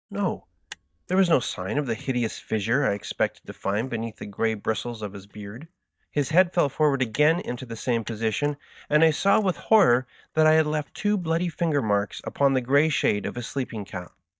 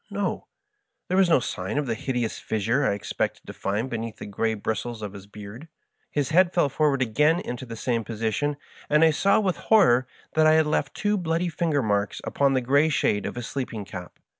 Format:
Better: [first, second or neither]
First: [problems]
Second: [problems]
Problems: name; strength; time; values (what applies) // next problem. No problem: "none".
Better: second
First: noise reduction (neural mask model DeepFilterNet 3)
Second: none